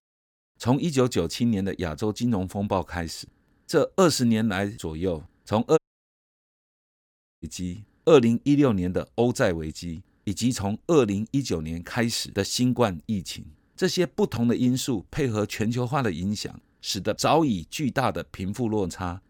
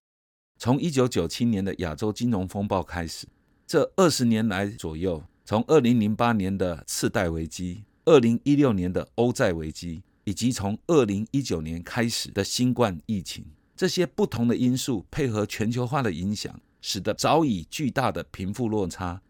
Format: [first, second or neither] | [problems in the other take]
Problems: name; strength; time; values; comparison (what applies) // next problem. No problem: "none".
second | audio cutting out; at 6 s for 1.5 s